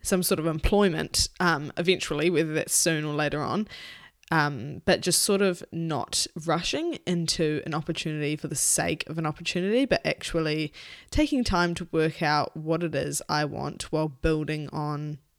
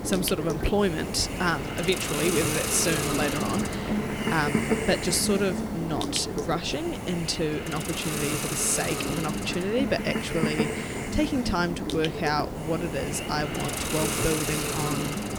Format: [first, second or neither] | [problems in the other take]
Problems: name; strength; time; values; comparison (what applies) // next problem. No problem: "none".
first | hiss; loud; throughout; 1 dB below the speech